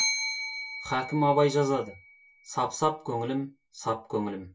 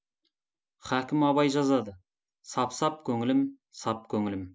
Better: second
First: background sound (Bell); 8 dB below the speech // room echo; dies away in 0.1 s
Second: none

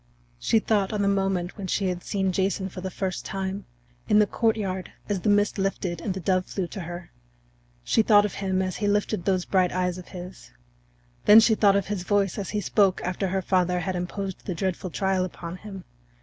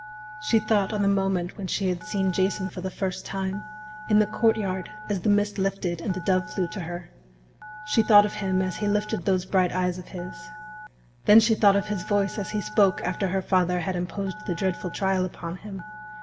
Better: first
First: none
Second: background sound (Telephone); 17 dB below the speech // room echo; dies away in 1 s

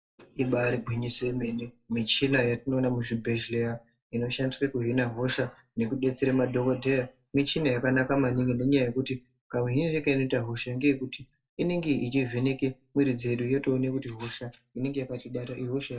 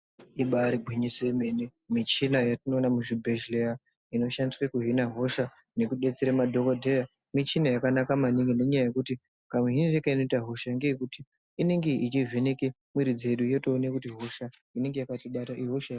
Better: second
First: room echo; dies away in 0.2 s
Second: none

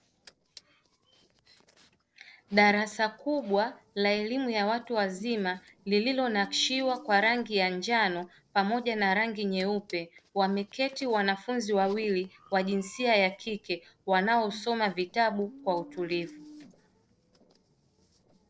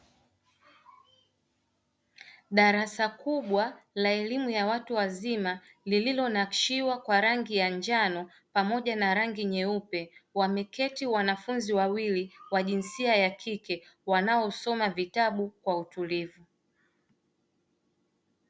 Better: second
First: noise reduction (neural separator model SepFormer DNS4)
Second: none

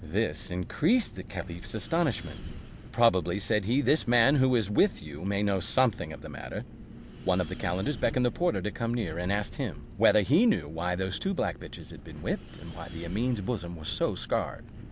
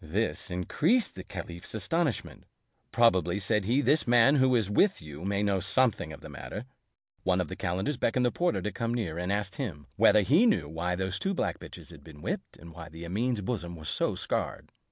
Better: second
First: background sound (Wind); 14 dB below the speech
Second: none

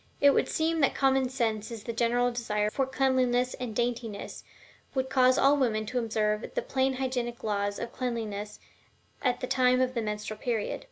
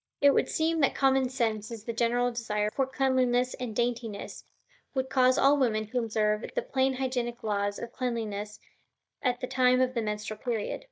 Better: first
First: none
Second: noise reduction (neural mask model DeepFilterNet 3)

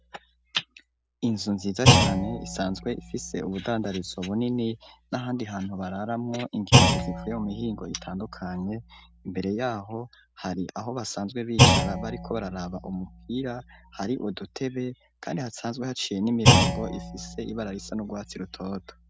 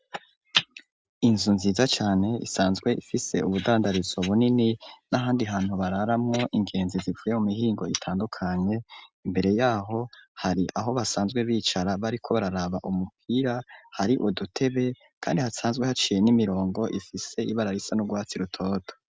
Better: second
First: background sound (Thump, thud); 3 dB above the speech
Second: none

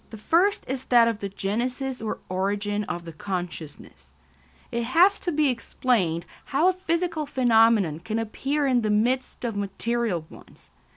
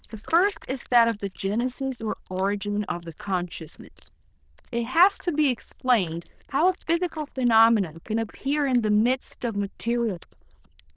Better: first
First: none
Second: noise reduction (neural diffusion model UNIVERSE++)

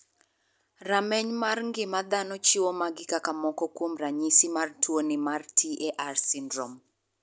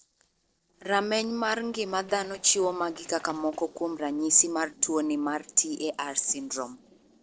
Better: first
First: none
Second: noise reduction (neural separator model SepFormer DNS4)

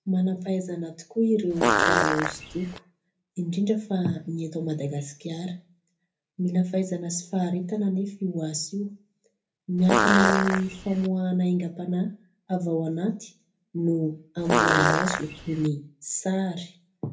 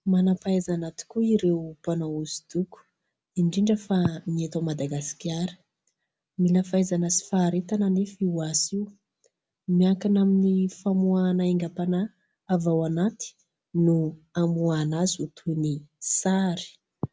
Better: second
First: background sound (Fart); 3 dB above the speech // room echo; dies away in 0.3 s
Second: none

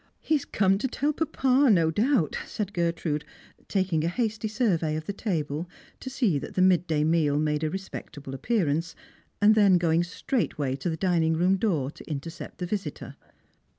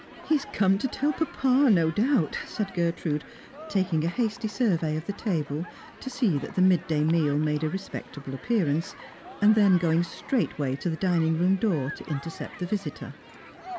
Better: first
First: none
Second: background sound (Human group actions); 18 dB below the speech

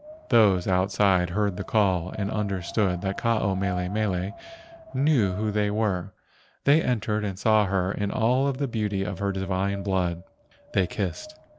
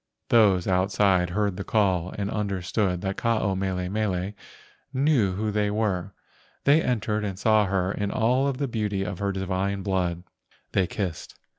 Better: second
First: background sound (Wind); 19 dB below the speech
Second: none

